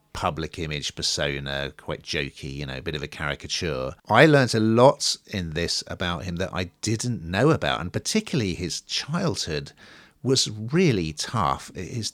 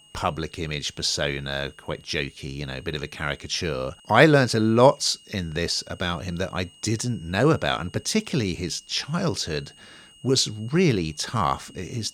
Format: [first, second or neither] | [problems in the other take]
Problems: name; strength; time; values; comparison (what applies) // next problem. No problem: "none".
first | high-pitched whine; faint; throughout; 3 kHz, 25 dB below the speech